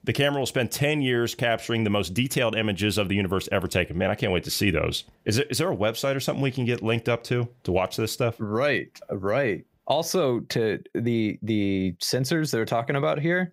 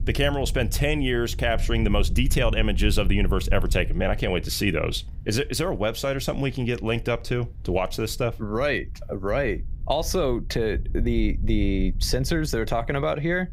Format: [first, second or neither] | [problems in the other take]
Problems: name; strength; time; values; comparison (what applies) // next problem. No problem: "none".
first | low rumble; faint; throughout; 25 dB below the speech